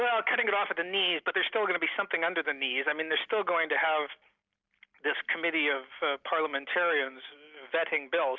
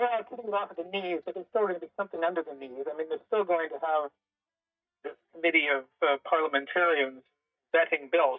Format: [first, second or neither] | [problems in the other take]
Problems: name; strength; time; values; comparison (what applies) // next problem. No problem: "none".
first | noise reduction (neural mask model DeepFilterNet 3)